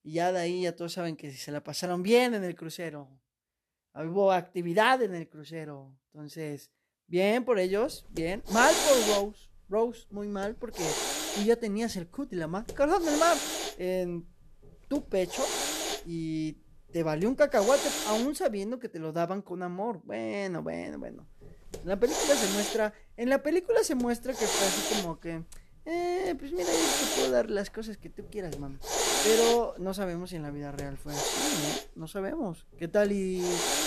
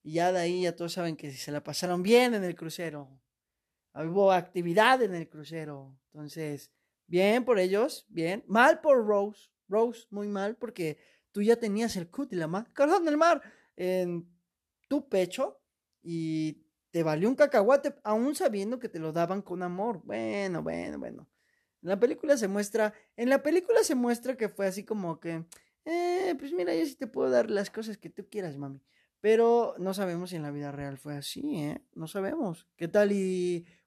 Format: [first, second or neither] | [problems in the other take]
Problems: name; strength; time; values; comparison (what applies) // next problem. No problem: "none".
second | hiss; loud; from 7.5 to 19 s and from 21 s on; as loud as the speech